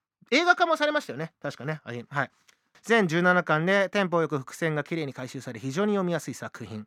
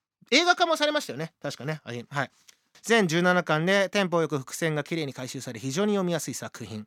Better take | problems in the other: second | muffled; very slightly; fading above 3 kHz

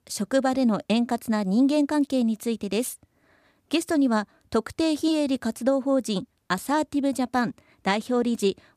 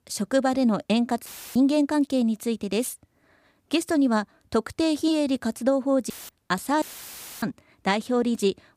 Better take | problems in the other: first | audio cutting out; filled with static; at 1.5 s, at 6 s and at 7 s for 0.5 s

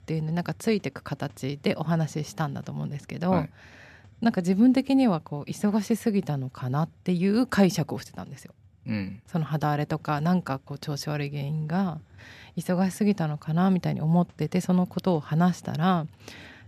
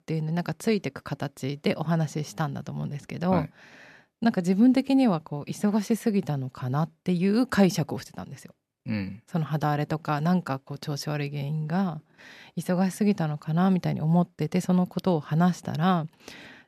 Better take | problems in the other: second | hiss; faint; throughout; 30 dB below the speech

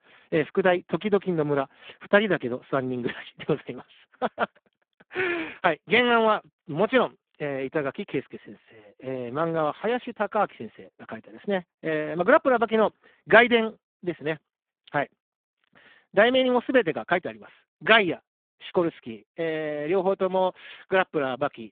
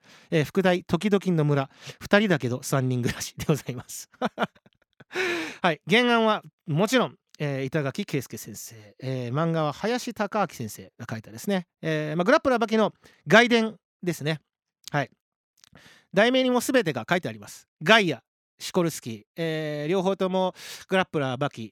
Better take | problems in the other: second | phone-call audio; poor line

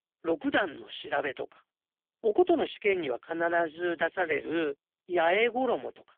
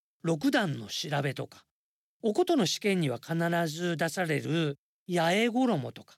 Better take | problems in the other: second | phone-call audio; poor line; nothing above 3.5 kHz

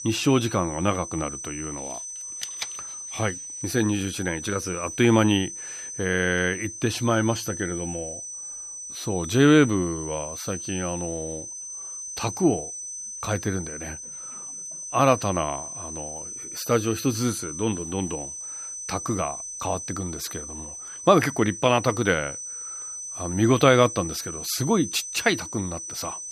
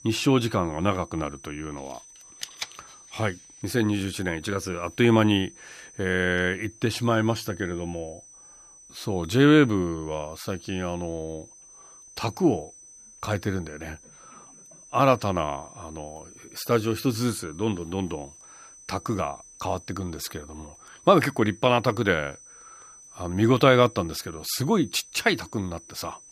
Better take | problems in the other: second | high-pitched whine; loud; throughout; 6 kHz, 9 dB below the speech; faint in the second

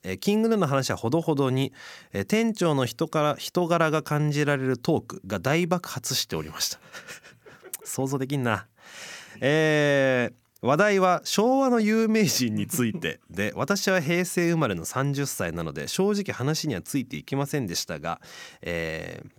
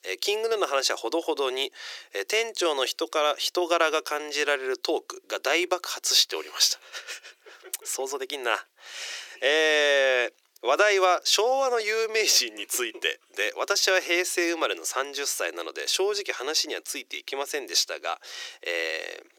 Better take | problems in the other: first | thin; very; fading below 350 Hz

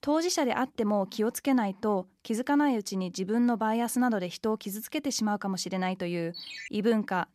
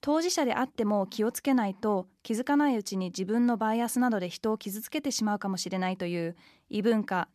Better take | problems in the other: second | phone ringing; faint; at 6.5 s; peak 10 dB below the speech

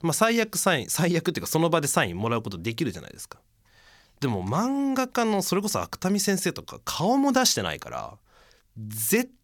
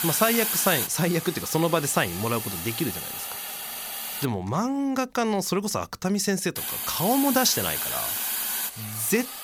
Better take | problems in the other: first | hiss; loud; until 4.5 s and from 6.5 s on; 3 dB below the speech

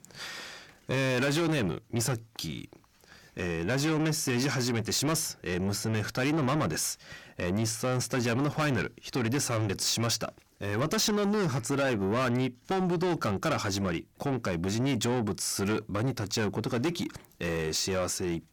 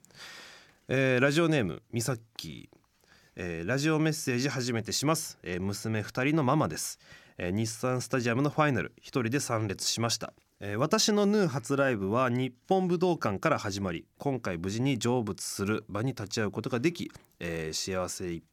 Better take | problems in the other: second | distortion; heavy; 7 dB below the speech

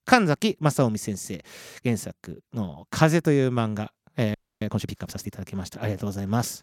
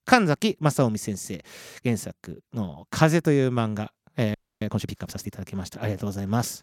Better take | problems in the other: neither | audio freezing; at 4.5 s; the same in both

